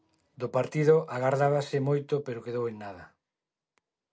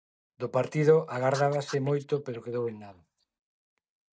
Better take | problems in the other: first | noise reduction (neural mask model DeepFilterNet 3)

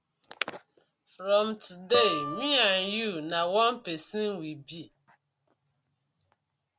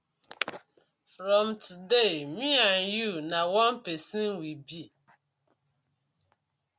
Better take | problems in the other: second | background sound (Guitar); 7 dB below the speech

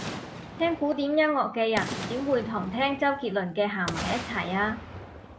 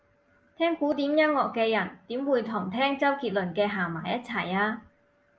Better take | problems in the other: second | background sound (Boom); 10 dB below the speech

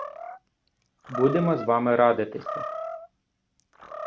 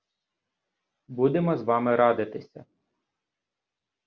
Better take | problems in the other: second | background sound (Animal); 10 dB below the speech

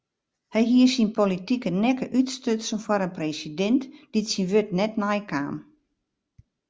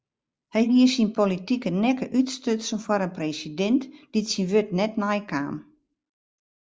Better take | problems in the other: first | noise reduction (neural mask model Resemble Enhance denoiser)

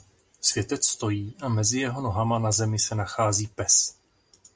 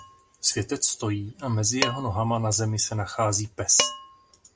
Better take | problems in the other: first | background sound (Dishes, pots, and pans); 9 dB below the speech

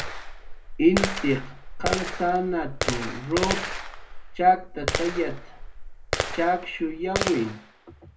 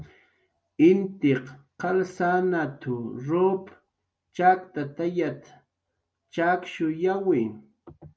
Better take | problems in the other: second | background sound (Gunshot, gunfire); 4 dB below the speech // room echo; dies away in 0.2 s

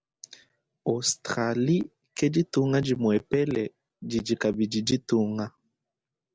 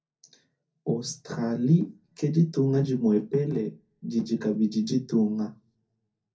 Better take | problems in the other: first | room echo; dies away in 0.3 s

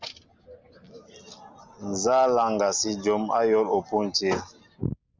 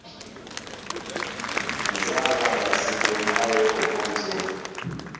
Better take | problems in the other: first | background sound (Applause / Crowd); 1 dB above the speech // room echo; dies away in 1.2 s

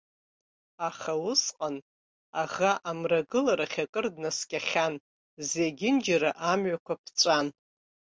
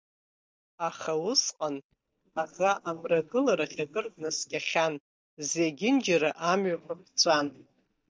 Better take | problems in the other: first | noise reduction (neural mask model DeepFilterNet 3)

